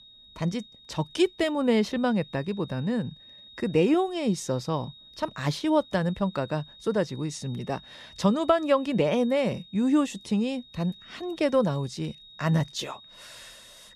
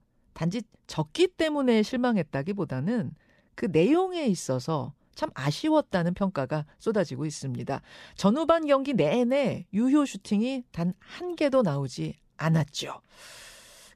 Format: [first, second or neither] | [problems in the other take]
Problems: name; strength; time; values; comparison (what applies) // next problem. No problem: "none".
second | high-pitched whine; faint; throughout; 4 kHz, 20 dB below the speech